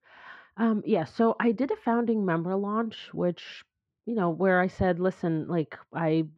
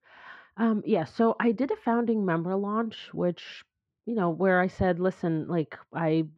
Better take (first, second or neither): neither